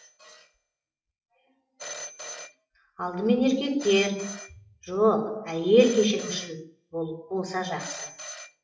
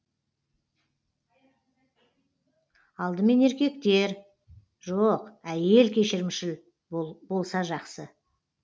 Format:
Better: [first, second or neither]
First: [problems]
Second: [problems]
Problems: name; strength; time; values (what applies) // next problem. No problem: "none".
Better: second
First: noise reduction (classical method WPE with log-MMSE)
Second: none